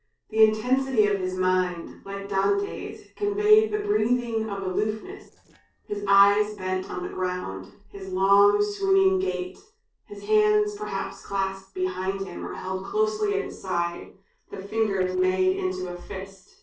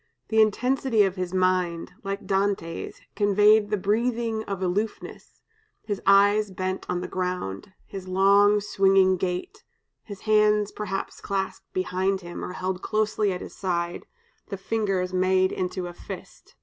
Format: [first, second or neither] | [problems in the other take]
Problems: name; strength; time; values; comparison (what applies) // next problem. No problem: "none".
second | noise reduction (neural separator model SepFormer DNS4)